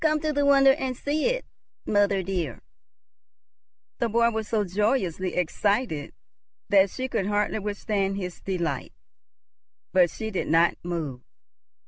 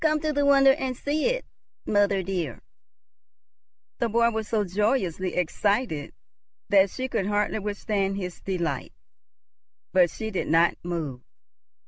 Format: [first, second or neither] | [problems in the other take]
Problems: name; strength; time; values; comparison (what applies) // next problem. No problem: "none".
second | background sound (Bass drum); 12 dB below the speech